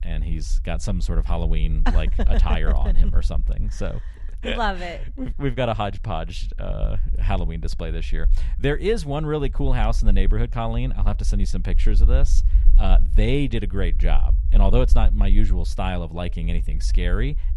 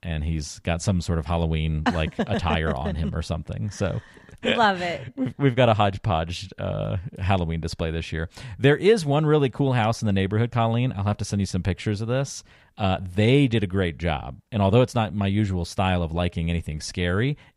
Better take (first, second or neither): second